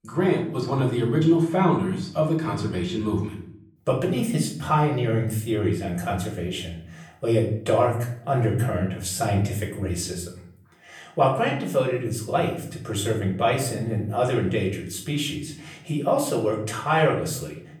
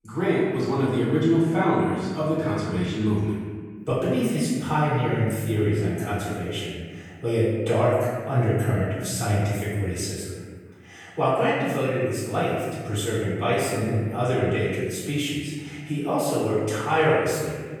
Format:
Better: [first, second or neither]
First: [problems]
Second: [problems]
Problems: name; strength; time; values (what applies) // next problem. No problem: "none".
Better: first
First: room echo; slight; dies away in 0.6 s // off-mic speech; far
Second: room echo; strong; dies away in 1.5 s // off-mic speech; far